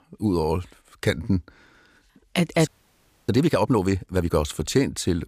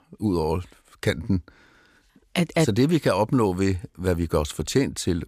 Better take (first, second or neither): second